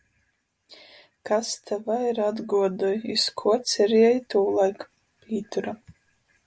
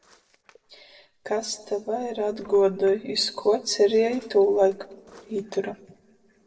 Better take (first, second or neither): first